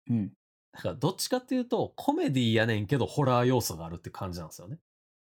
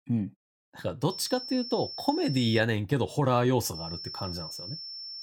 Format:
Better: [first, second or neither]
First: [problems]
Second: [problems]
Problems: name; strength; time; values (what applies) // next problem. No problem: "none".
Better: first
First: none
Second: high-pitched whine; loud; from 1 to 2.5 s and from 3.5 s on; 5.5 kHz, 9 dB below the speech